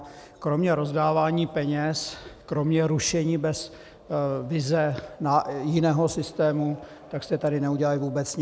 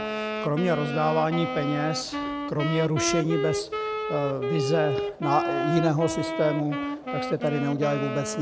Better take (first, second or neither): first